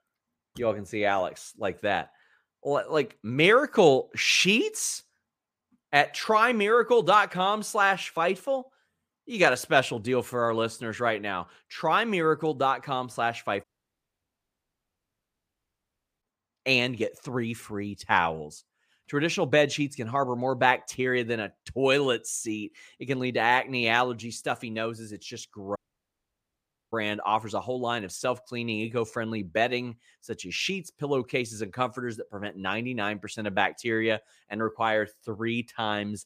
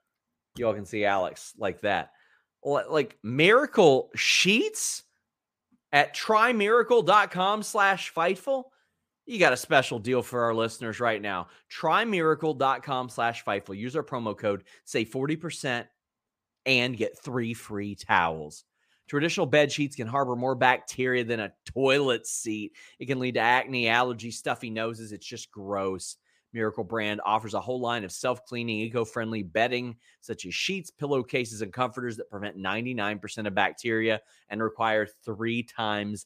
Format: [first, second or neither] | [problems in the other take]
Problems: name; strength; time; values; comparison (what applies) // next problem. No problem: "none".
second | audio cutting out; at 14 s for 2.5 s and at 26 s for 1 s